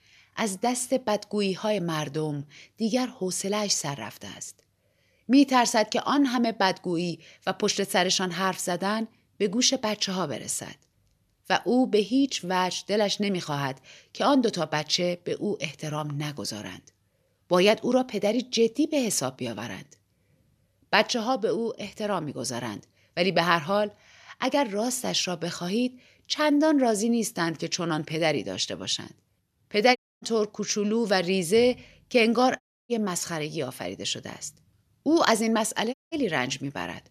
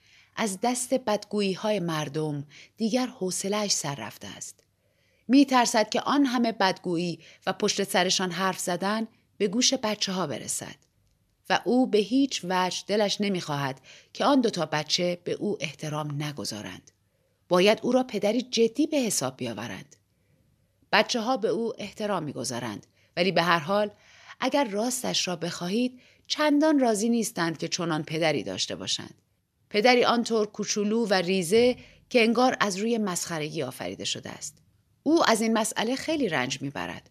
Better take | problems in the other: second | audio cutting out; at 30 s, at 33 s and at 36 s

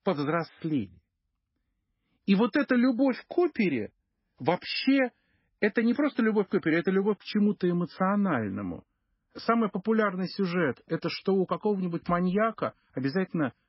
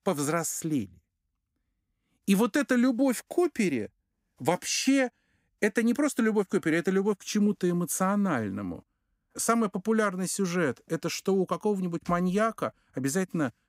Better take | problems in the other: second | garbled, watery; badly; nothing above 5.5 kHz

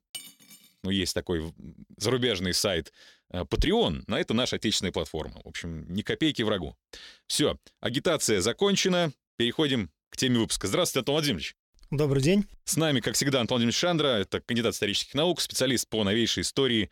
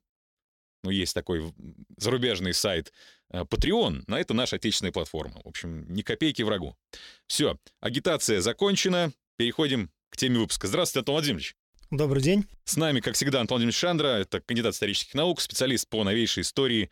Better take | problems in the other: second | clattering dishes; faint; at the start; peak 15 dB below the speech

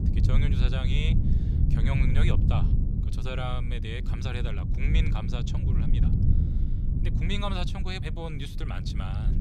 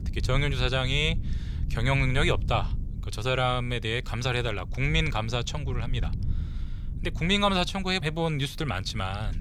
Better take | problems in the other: second | low rumble; loud; throughout; 4 dB below the speech; faint in the second

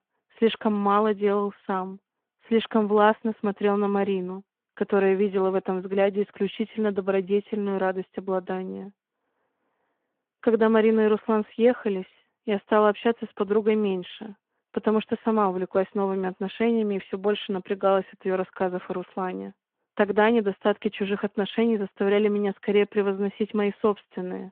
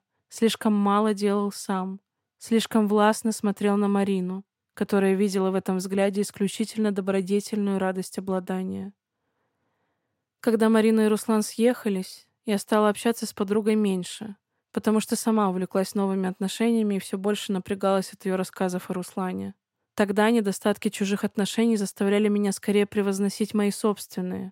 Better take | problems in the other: second | phone-call audio

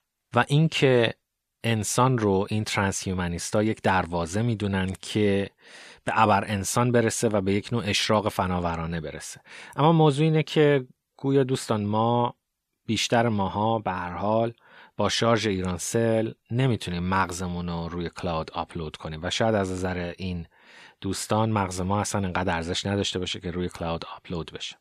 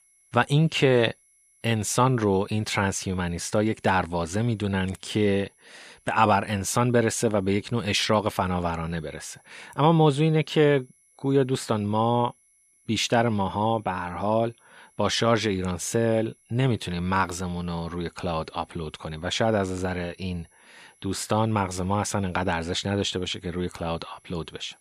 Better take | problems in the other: first | high-pitched whine; faint; throughout; 11 kHz, 35 dB below the speech

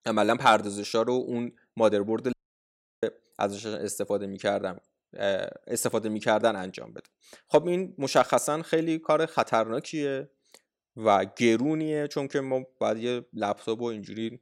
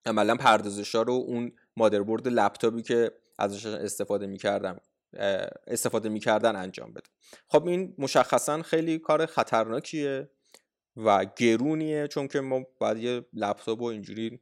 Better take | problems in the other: second | audio cutting out; at 2.5 s for 0.5 s

